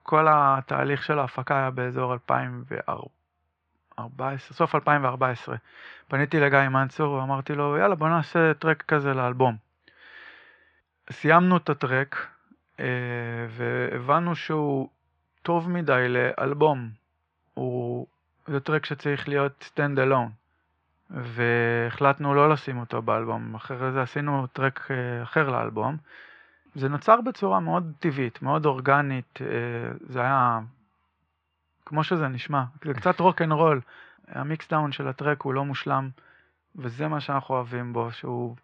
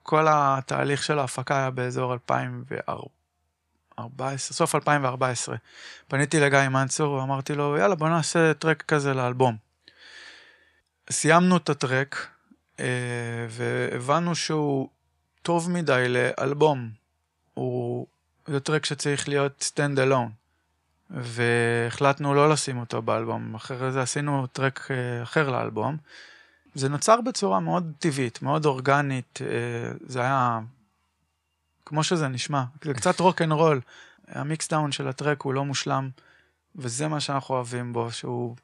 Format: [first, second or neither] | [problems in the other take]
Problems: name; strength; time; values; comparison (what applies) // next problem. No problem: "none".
second | muffled; very; fading above 3 kHz